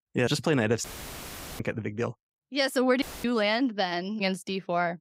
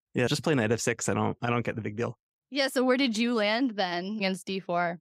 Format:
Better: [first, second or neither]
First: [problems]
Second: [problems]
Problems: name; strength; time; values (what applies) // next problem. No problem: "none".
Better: second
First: audio cutting out; filled with static; at 1 s for 1 s and at 3 s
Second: none